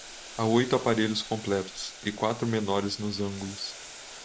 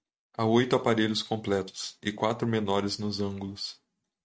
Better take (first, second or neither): second